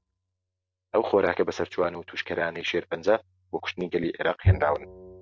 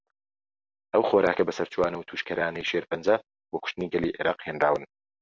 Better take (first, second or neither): second